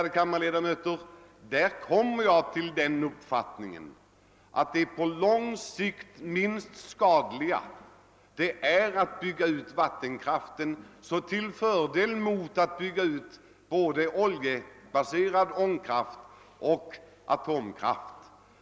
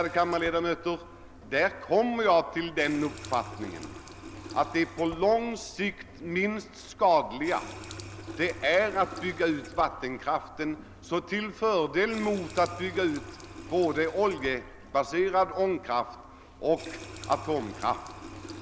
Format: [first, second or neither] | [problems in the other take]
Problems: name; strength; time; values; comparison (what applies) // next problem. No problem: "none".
first | background sound (Water tap, faucet); 15 dB below the speech